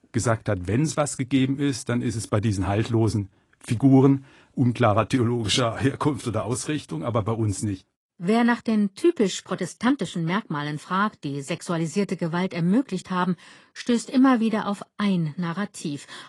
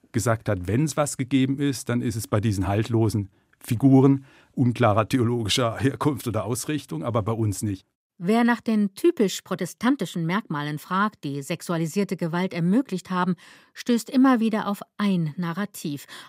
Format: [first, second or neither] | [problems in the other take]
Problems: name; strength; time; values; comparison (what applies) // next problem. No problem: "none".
second | garbled, watery; slightly; nothing above 10.5 kHz